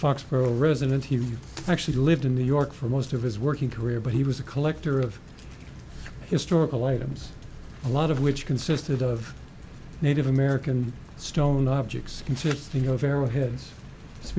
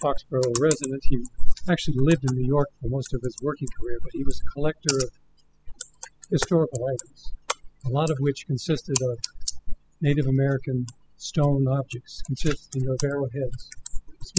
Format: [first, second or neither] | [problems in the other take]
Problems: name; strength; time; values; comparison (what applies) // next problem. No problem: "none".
first | noise reduction (classical method spectral subtraction)